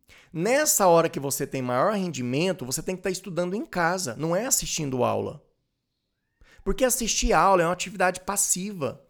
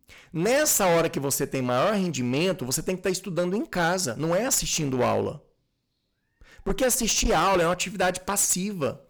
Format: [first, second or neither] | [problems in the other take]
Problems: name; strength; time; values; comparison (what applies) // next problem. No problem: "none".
first | distortion; heavy; 11% of the sound clipped